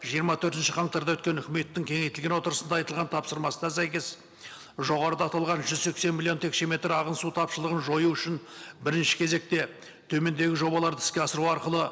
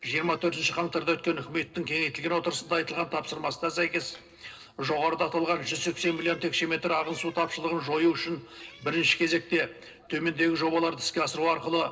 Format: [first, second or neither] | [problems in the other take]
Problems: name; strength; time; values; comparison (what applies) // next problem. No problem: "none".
first | noise reduction (neural separator model SepFormer DNS4)